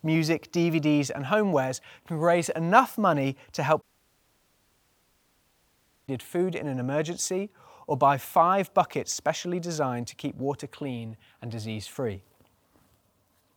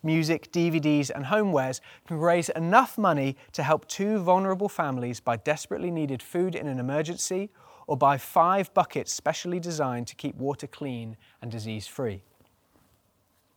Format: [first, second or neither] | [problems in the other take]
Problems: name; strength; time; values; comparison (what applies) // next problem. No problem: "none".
second | audio cutting out; at 4 s for 2.5 s